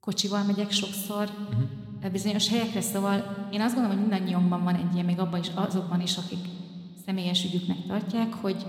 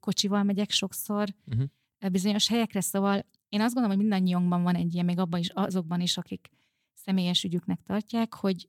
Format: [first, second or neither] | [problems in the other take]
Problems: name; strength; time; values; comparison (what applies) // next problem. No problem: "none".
second | room echo; slight; dies away in 1.9 s